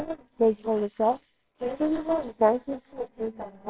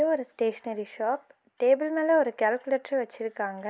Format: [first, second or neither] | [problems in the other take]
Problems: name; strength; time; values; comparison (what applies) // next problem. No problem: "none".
second | noise reduction (neural separator model SepFormer WHAMR!)